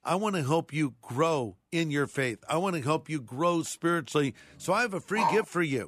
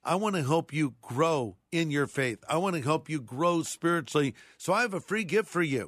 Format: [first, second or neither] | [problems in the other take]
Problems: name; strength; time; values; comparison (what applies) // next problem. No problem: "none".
second | dog barking; noticeable; at 5 s; peak level with the speech